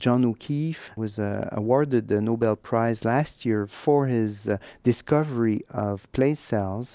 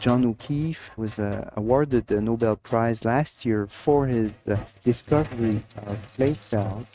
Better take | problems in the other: first | noise reduction (neural mask model RNNoise)

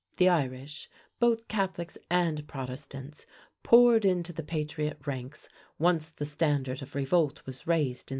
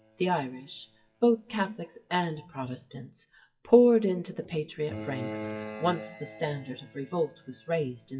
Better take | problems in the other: first | noise reduction (classical method WPE with log-MMSE)

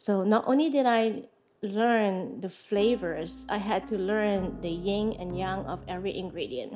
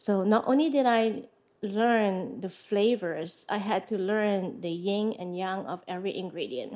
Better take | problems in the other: second | background sound (Piano); 15 dB below the speech

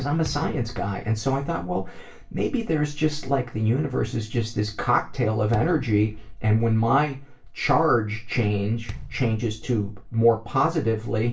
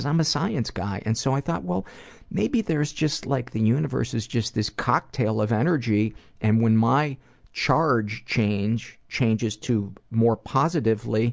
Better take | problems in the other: second | background sound (Bass drum); 17 dB below the speech // room echo; dies away in 0.3 s

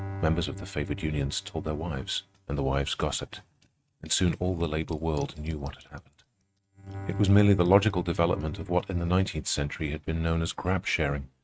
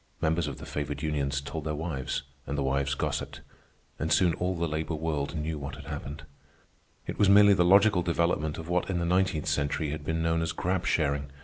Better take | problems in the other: second | noise reduction (neural mask model RNNoise)

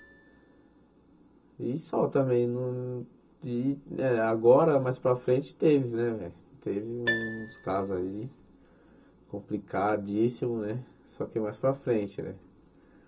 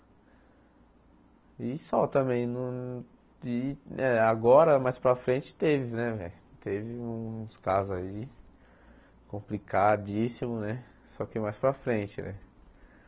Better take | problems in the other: second | background sound (Piano); 17 dB below the speech // room echo; dies away in 0.2 s

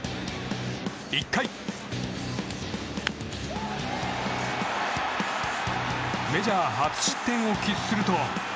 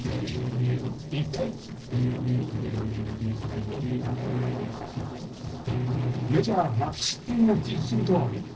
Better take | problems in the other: first | noise reduction (neural separator model SepFormer DNS4)

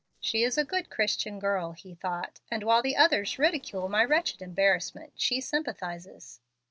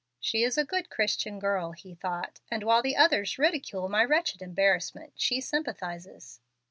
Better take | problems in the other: second | noise reduction (neural separator model SepFormer DNS4)

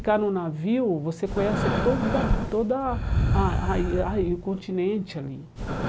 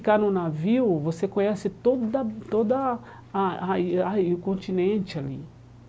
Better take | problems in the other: second | background sound (Breathing); 1 dB below the speech

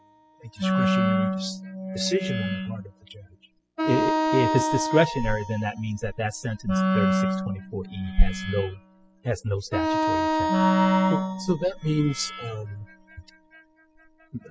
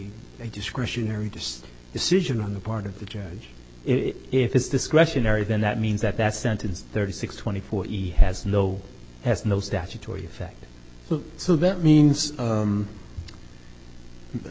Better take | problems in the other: second | noise reduction (classical method spectral subtraction)

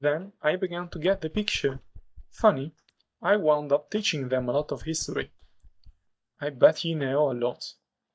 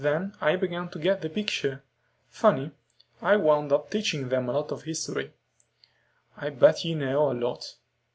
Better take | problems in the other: second | noise reduction (neural mask model DeepFilterNet 3)

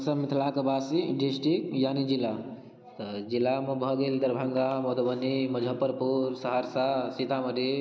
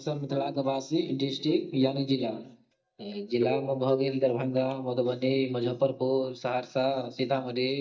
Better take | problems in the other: first | noise reduction (neural mask model DeepFilterNet 3)

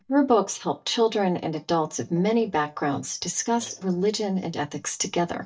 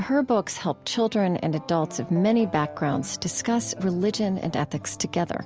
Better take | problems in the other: second | noise reduction (neural mask model DeepFilterNet 3)

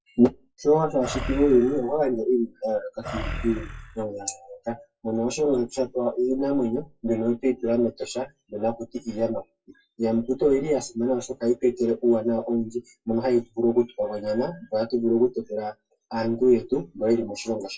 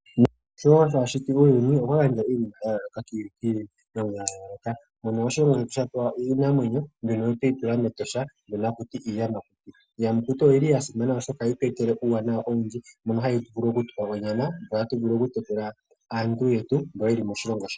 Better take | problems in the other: second | noise reduction (classical method WPE with log-MMSE)

